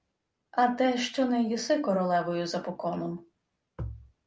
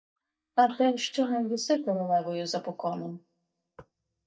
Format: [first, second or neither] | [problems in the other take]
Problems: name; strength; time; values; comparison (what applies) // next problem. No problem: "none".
first | noise reduction (neural mask model DeepFilterNet 3)